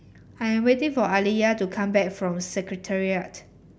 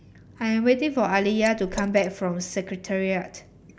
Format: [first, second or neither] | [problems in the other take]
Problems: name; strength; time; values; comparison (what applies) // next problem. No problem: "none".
first | background sound (Liquid); 20 dB below the speech